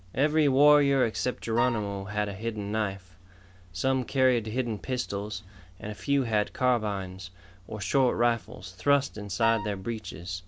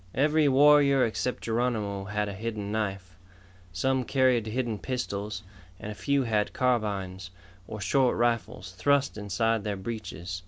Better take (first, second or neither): second